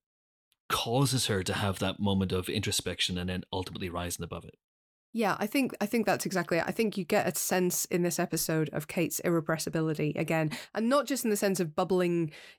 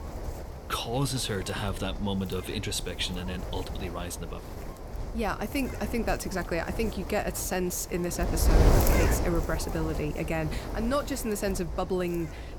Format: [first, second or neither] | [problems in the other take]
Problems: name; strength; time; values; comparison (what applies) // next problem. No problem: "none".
first | wind noise on the microphone; heavy; 5 dB below the speech